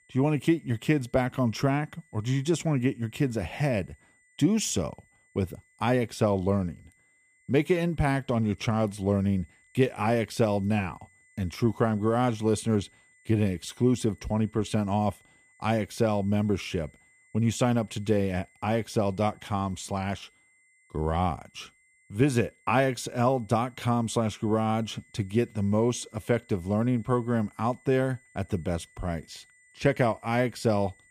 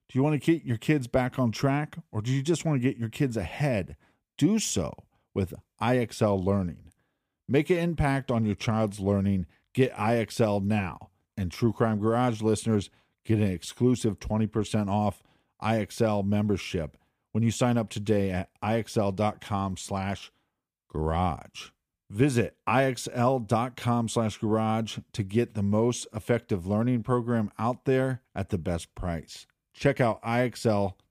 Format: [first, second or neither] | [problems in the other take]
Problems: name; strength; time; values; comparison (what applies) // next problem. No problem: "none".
second | high-pitched whine; faint; throughout; 2 kHz, 30 dB below the speech